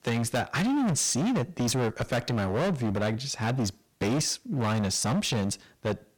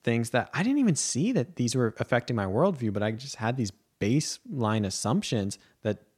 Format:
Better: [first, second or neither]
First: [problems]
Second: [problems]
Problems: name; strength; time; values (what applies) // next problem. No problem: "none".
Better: second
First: distortion; heavy; 26% of the sound clipped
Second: none